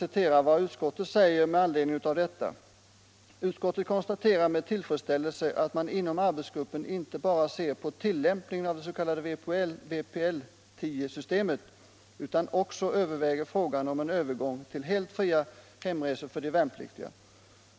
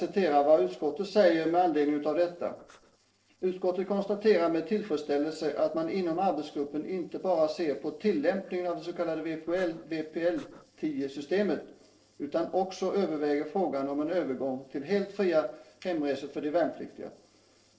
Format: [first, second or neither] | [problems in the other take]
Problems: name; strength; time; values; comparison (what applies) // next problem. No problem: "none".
first | noise reduction (neural separator model SepFormer DNS4)